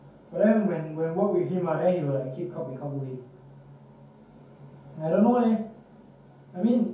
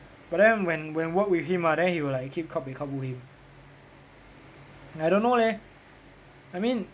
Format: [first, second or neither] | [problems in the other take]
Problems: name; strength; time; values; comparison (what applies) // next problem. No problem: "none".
second | room echo; dies away in 0.6 s